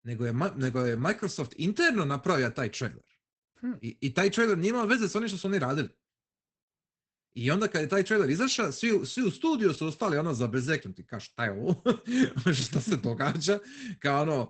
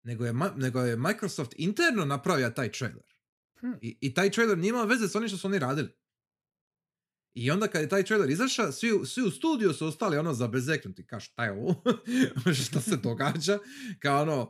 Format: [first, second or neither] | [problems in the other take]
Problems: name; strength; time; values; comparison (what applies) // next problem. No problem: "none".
second | garbled, watery; badly; nothing above 8 kHz